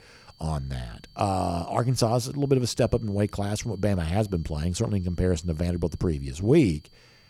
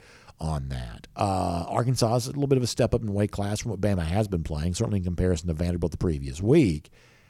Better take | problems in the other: second | high-pitched whine; faint; throughout; 4.5 kHz, 30 dB below the speech

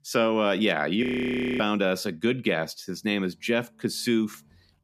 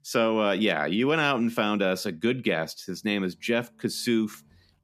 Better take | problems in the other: second | audio freezing; at 1 s for 0.5 s

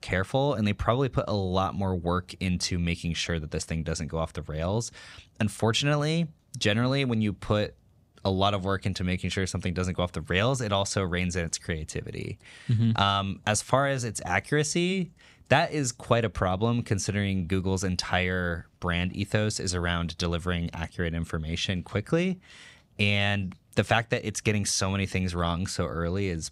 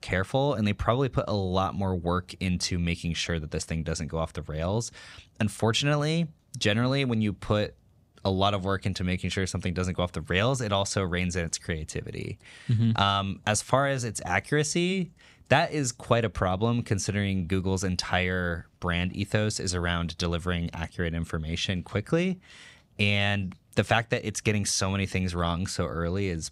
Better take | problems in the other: neither | none

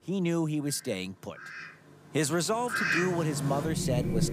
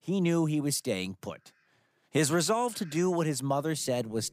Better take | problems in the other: second | animal sounds; loud; throughout; 1 dB below the speech; faint in the second

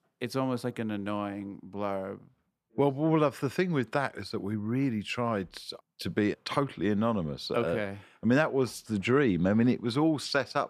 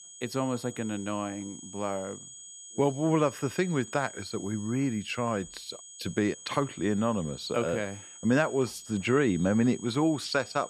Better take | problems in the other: first | high-pitched whine; noticeable; throughout; 6.5 kHz, 15 dB below the speech

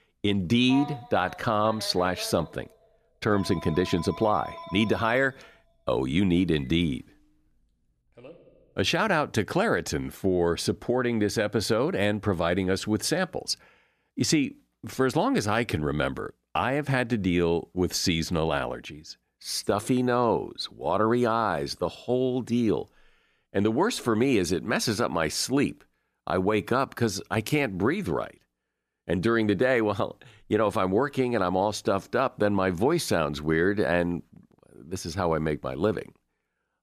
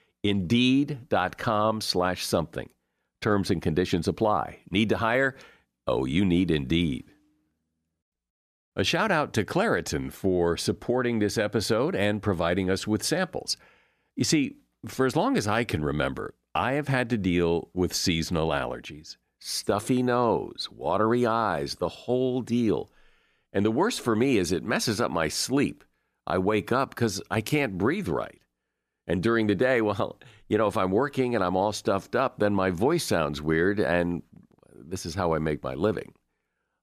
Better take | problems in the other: second | phone ringing; faint; from 0.5 to 8.5 s; peak 10 dB below the speech

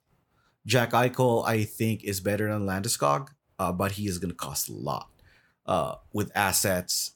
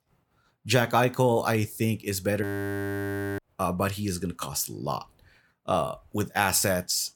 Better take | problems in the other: first | audio freezing; at 2.5 s for 1 s

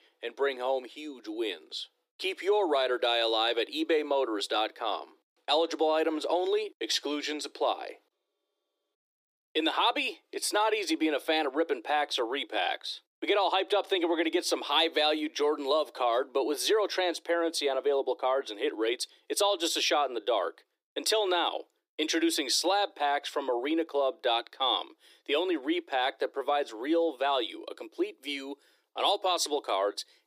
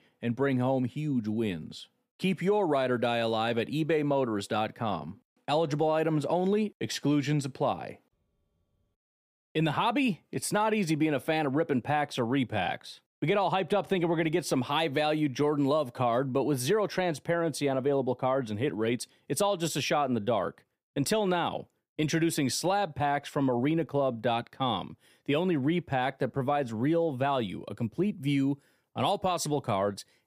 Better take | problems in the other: second | thin; very; fading below 300 Hz

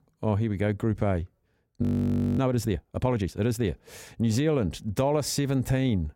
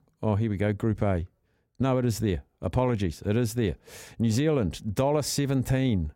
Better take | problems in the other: second | audio freezing; at 2 s for 0.5 s

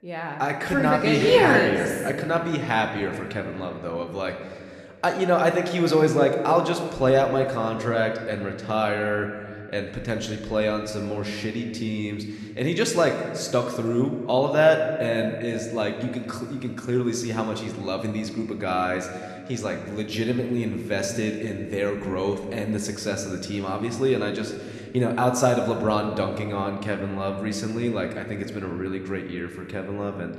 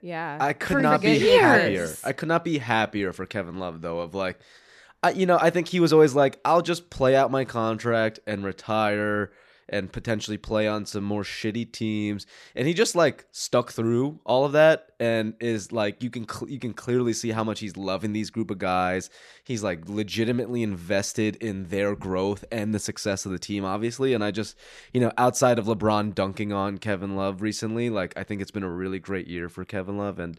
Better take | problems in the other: second | room echo; slight; dies away in 1.7 s

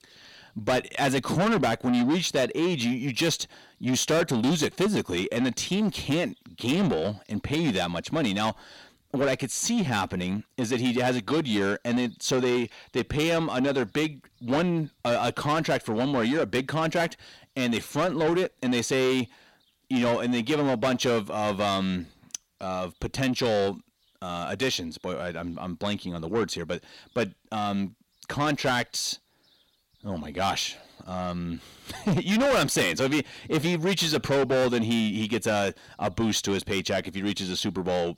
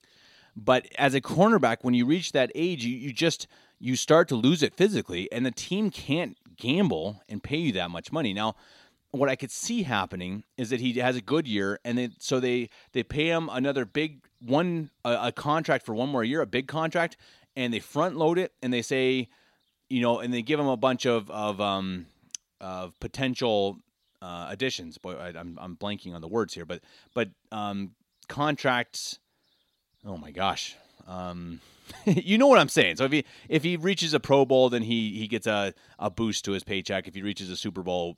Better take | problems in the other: second | distortion; heavy; 6 dB below the speech

